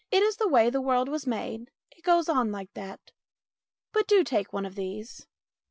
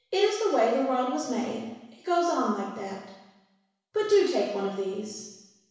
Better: first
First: none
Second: room echo; dies away in 1.1 s

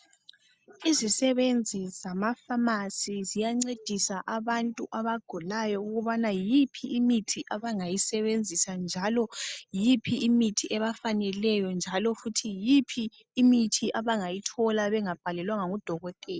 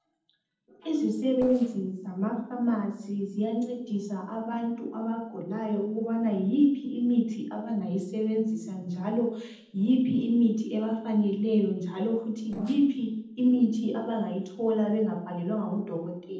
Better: first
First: none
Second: noise reduction (neural separator model SepFormer DNS4)

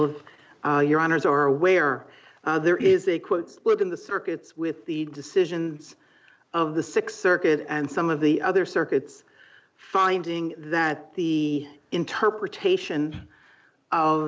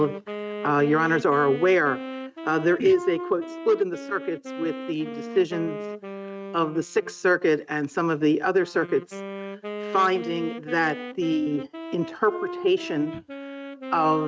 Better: first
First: none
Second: noise reduction (neural mask model RNNoise)

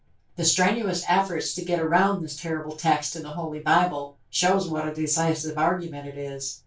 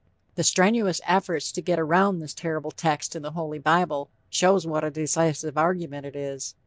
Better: second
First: room echo; dies away in 0.2 s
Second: none

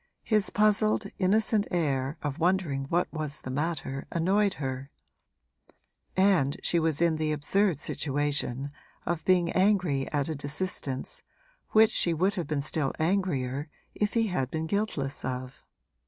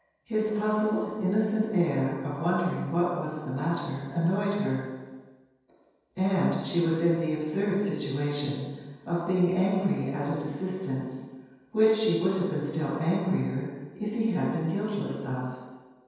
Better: first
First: none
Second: room echo; dies away in 1.2 s

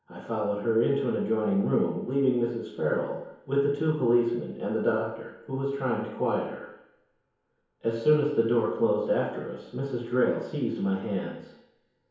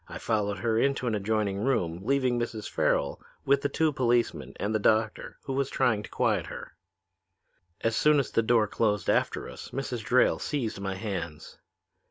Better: second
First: room echo; dies away in 1 s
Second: none

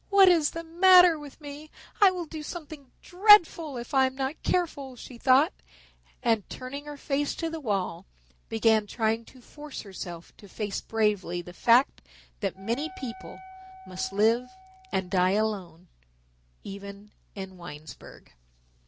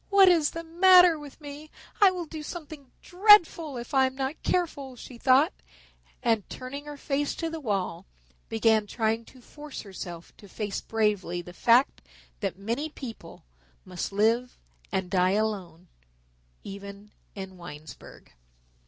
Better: second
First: background sound (Wind instrument, woodwind instrument); 18 dB below the speech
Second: none

